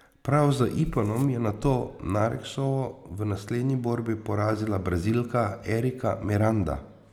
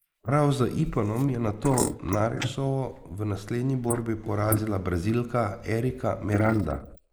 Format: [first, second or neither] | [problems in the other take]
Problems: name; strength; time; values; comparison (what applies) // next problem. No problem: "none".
first | noise reduction (neural mask model Resemble Enhance denoiser)